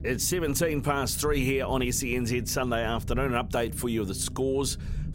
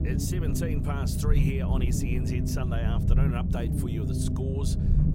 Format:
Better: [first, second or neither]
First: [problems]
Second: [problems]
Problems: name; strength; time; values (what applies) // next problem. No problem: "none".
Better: first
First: low rumble; faint; throughout; 20 dB below the speech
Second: low rumble; loud; throughout; 1 dB below the speech